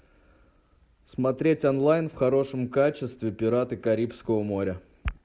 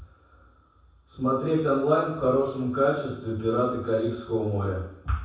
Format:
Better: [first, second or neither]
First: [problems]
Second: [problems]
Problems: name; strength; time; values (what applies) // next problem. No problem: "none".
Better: first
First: none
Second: room echo; dies away in 0.7 s